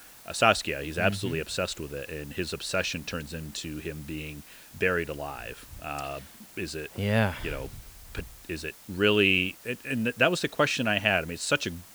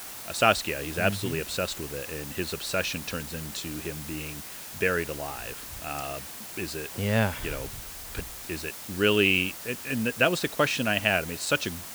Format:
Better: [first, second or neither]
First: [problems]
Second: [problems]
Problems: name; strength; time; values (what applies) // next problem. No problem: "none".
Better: first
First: hiss; faint; throughout; 20 dB below the speech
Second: hiss; loud; throughout; 10 dB below the speech